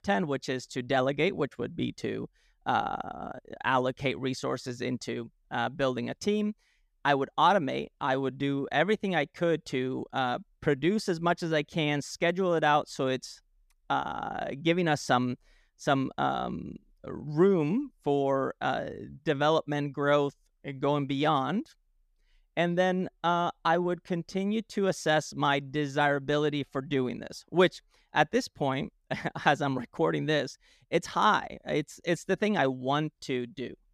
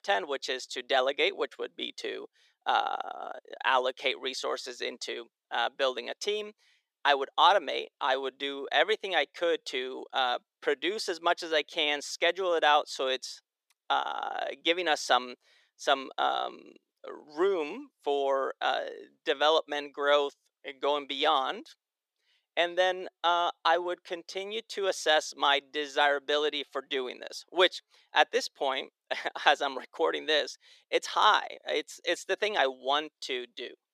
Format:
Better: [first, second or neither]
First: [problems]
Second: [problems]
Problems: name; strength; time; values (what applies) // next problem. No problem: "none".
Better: first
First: none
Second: thin; very; fading below 400 Hz